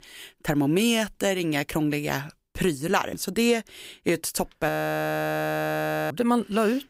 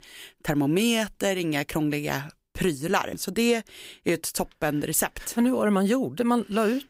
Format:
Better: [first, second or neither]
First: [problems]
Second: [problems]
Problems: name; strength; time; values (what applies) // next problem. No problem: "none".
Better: second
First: audio freezing; at 4.5 s for 1.5 s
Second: none